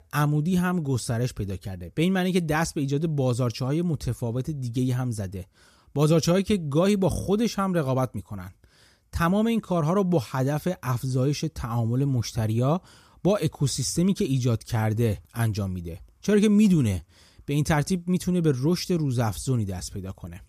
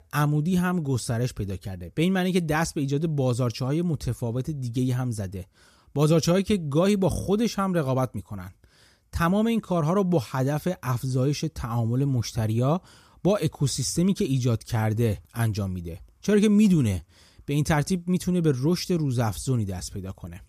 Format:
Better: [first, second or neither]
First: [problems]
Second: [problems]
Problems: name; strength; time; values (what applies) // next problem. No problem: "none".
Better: neither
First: none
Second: none